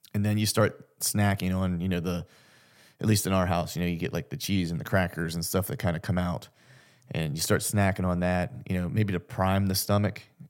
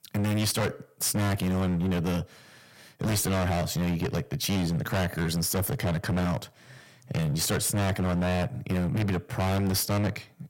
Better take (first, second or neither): first